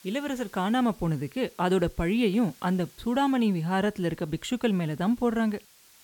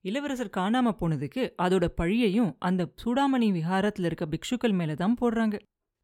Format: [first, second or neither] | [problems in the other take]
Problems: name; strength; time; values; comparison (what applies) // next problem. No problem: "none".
second | hiss; faint; throughout; 25 dB below the speech